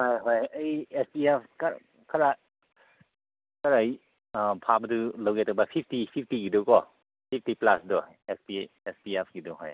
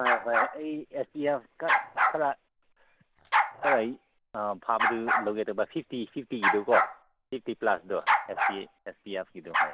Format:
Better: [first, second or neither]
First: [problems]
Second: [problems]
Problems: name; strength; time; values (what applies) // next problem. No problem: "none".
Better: first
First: none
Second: background sound (Bark); 2 dB above the speech